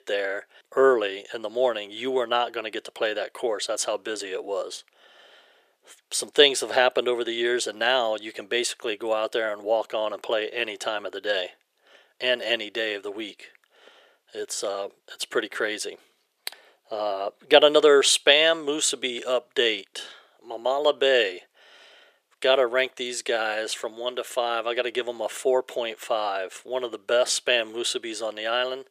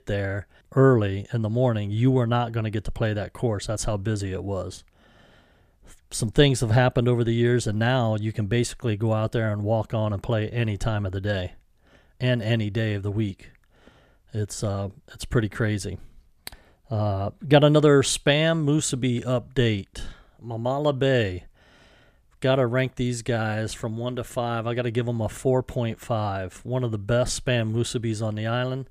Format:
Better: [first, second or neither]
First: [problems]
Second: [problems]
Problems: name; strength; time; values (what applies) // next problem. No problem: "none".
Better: second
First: thin; very; fading below 400 Hz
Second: none